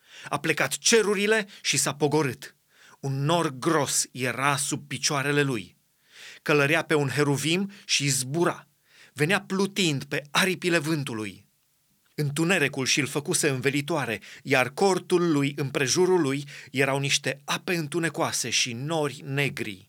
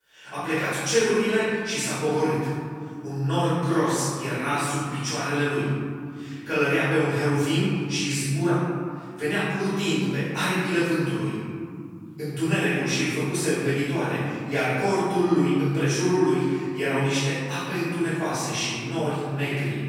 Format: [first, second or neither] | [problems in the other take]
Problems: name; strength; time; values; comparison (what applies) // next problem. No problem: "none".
first | off-mic speech; far // room echo; strong; dies away in 2.9 s